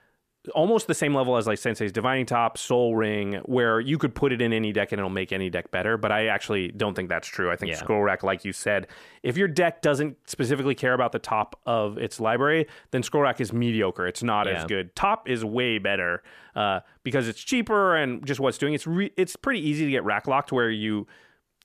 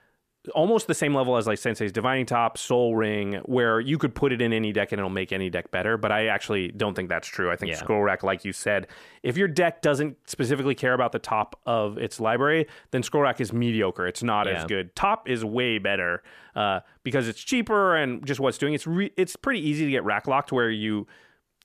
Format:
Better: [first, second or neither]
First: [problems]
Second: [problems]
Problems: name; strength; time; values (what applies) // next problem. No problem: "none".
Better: neither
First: none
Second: none